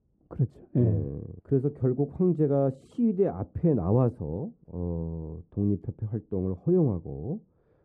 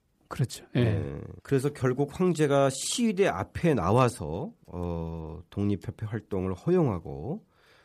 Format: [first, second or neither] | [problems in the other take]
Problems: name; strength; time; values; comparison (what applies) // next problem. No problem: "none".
second | muffled; very; fading above 1.5 kHz